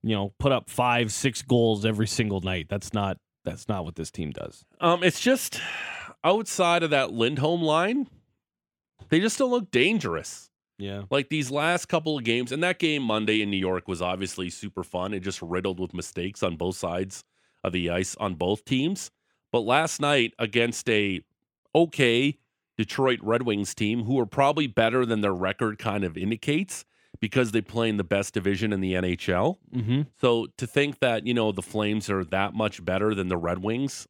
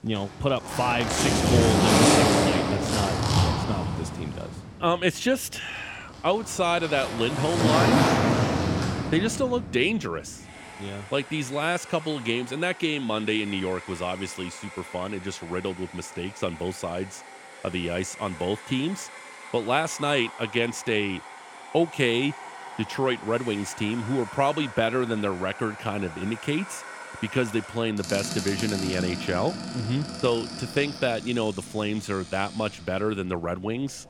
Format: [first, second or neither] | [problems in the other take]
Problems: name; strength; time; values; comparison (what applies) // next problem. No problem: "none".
first | household noises; very loud; throughout; 1 dB above the speech